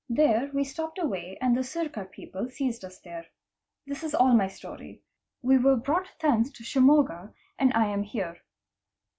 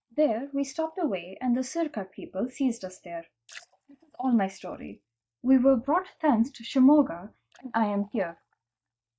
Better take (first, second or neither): first